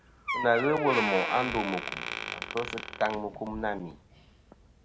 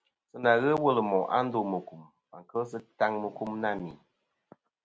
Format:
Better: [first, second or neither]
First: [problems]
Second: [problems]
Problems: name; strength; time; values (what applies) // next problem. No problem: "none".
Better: second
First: background sound (Door); 5 dB below the speech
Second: none